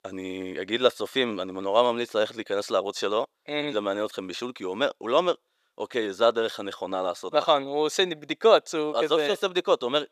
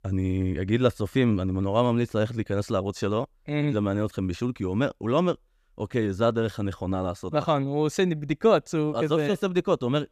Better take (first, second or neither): second